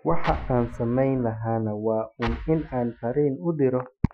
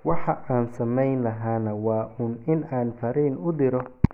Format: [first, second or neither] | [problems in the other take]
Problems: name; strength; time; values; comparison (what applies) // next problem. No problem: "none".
second | noise reduction (classical method Wiener filter)